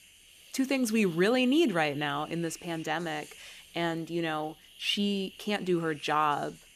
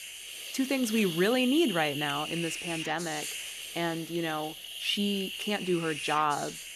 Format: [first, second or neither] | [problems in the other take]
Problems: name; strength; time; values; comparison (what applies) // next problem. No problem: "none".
first | hiss; loud; throughout; 7 dB below the speech; faint in the first